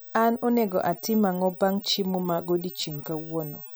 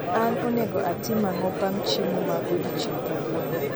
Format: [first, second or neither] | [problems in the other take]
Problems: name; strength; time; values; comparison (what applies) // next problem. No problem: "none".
first | background sound (Crowd); as loud as the speech